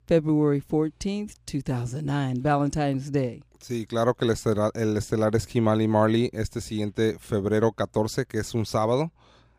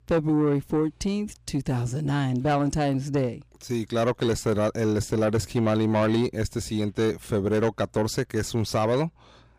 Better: first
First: none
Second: distortion; slight; 10 dB below the speech

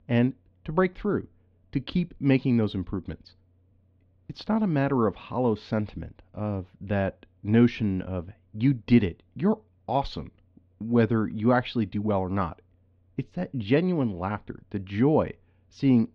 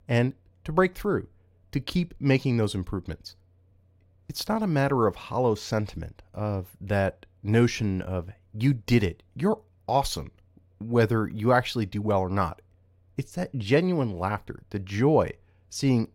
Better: second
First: muffled; slightly; fading above 3.5 kHz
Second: none

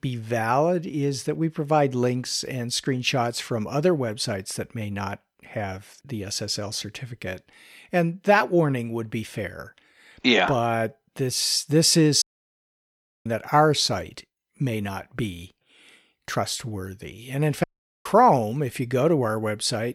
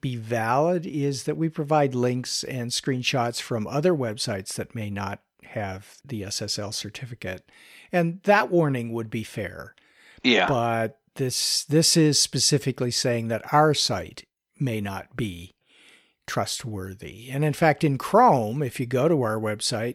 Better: second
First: audio cutting out; at 12 s for 1 s and at 18 s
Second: none

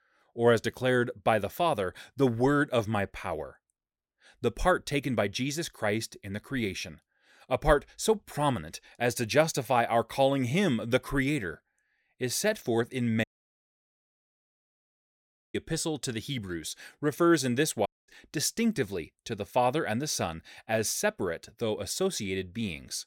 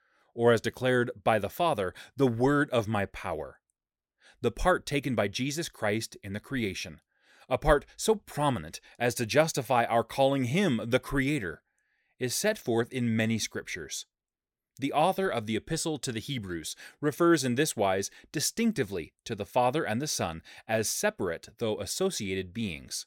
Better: second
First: audio cutting out; at 13 s for 2.5 s and at 18 s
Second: none

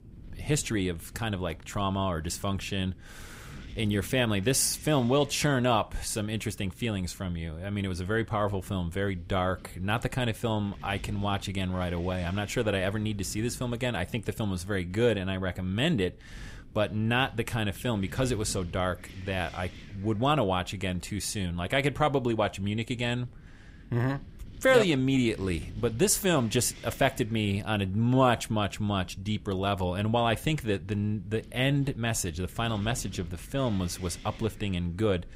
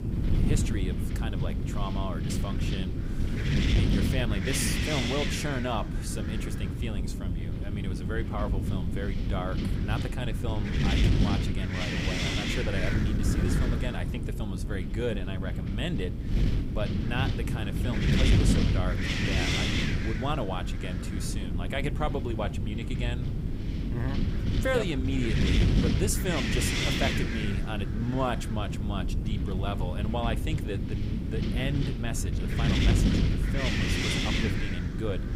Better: first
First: wind noise on the microphone; occasional gusts; 25 dB below the speech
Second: wind noise on the microphone; heavy; 1 dB above the speech

